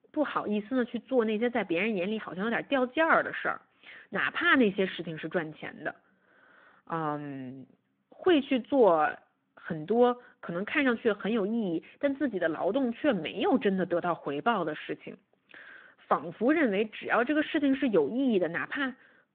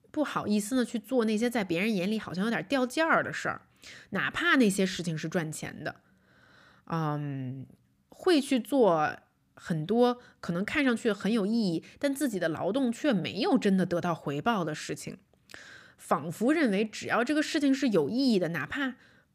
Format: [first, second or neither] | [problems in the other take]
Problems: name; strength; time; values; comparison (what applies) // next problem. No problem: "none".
second | phone-call audio